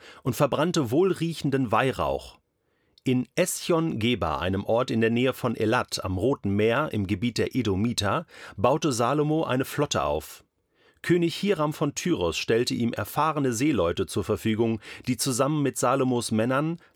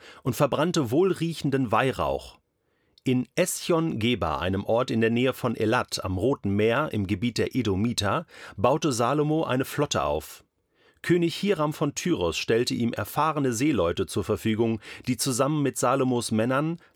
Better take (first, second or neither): neither